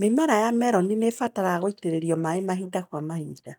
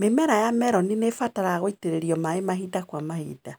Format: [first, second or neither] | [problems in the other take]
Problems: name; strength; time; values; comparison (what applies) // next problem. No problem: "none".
second | noise reduction (neural mask model DeepFilterNet 3)